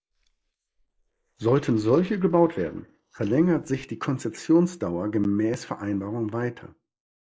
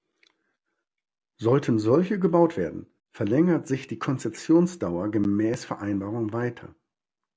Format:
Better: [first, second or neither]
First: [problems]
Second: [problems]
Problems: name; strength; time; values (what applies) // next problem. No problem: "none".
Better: second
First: noise reduction (neural mask model Resemble Enhance denoiser)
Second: none